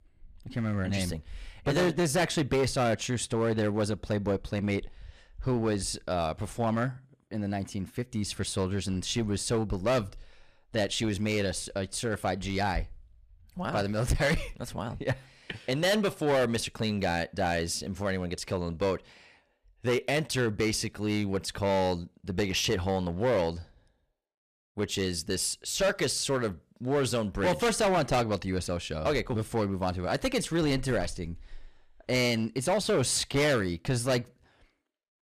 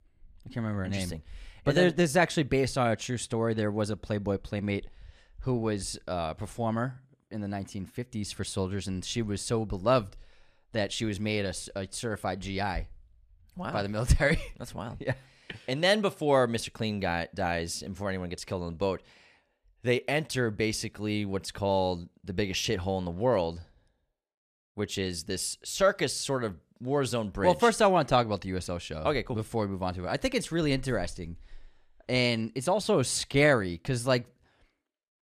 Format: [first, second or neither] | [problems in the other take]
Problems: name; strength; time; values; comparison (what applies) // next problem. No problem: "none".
second | distortion; heavy; 8% of the sound clipped